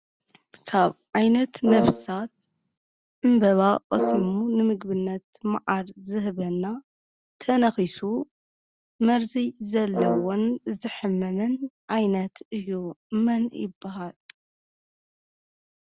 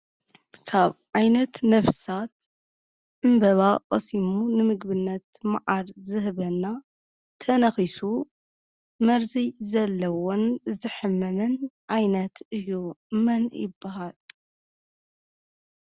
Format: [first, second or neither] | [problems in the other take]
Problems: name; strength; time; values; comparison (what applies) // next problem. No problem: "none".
second | background sound (Brass instrument); 4 dB below the speech